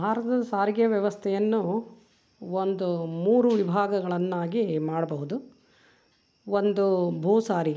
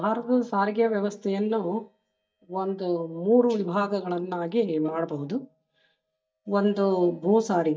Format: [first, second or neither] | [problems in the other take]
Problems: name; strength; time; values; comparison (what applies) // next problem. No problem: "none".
first | noise reduction (neural mask model DeepFilterNet 3)